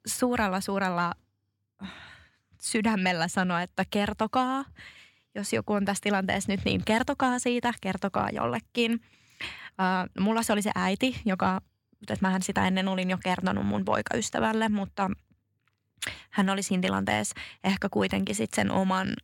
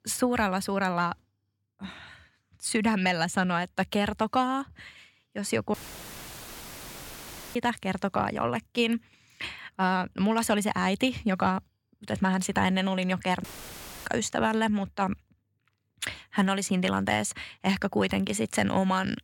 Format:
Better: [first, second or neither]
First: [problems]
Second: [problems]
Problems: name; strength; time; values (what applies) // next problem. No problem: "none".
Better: first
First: none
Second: audio cutting out; filled with static; at 5.5 s for 2 s and at 13 s for 0.5 s